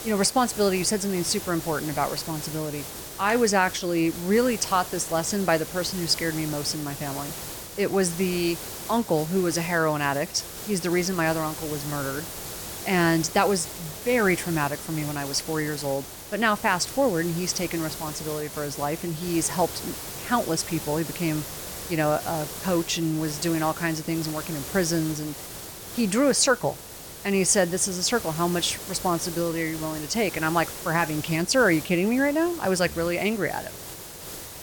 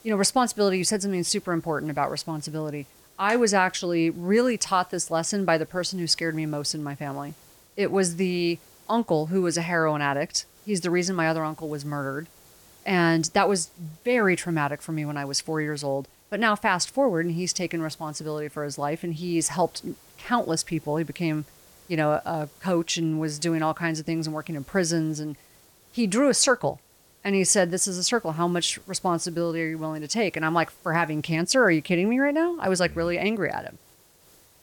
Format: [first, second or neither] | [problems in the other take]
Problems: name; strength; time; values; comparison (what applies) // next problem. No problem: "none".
second | hiss; loud; throughout; 10 dB below the speech; faint in the second